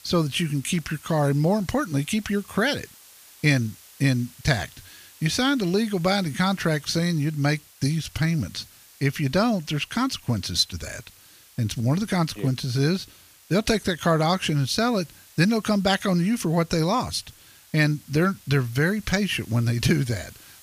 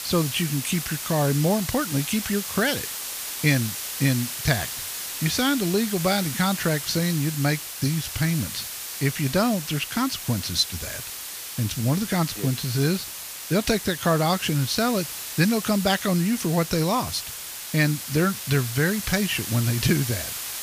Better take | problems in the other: first | hiss; loud; throughout; 6 dB below the speech; faint in the first

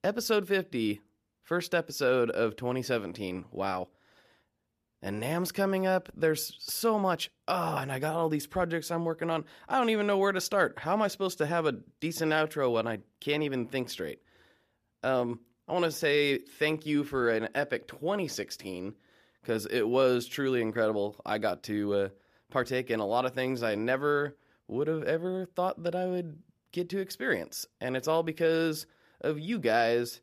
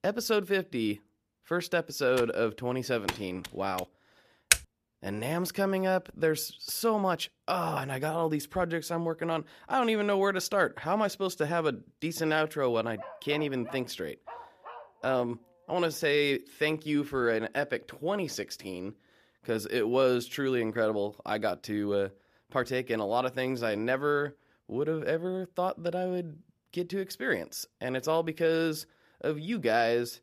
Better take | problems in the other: first | keyboard typing; noticeable; from 2 to 4 s; peak 6 dB below the speech // keyboard typing; very faint; at 4.5 s; peak 6 dB above the speech // dog barking; faint; from 13 to 16 s; peak 15 dB below the speech

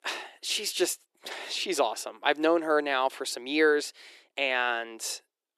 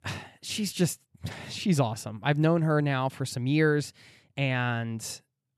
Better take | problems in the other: second | thin; very; fading below 350 Hz

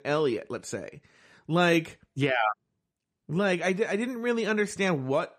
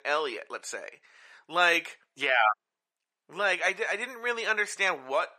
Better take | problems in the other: first | thin; very; fading below 750 Hz

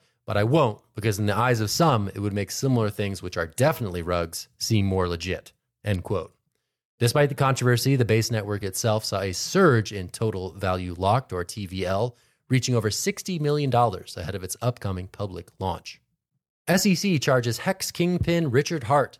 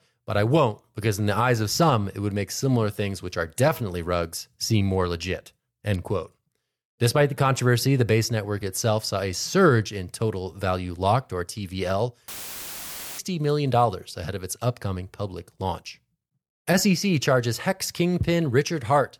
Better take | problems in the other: first | audio cutting out; filled with static; at 12 s for 1 s

